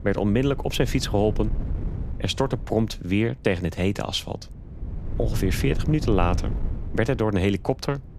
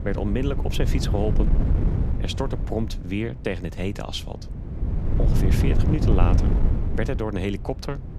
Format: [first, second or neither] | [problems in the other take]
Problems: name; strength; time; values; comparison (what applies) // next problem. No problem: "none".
first | wind noise on the microphone; heavy; 4 dB below the speech; occasional gusts in the first